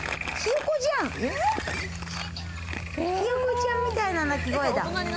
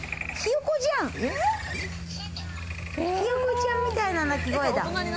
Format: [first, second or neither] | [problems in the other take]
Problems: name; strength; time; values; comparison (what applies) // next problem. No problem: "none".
second | background sound (Crumpling, crinkling); 13 dB below the speech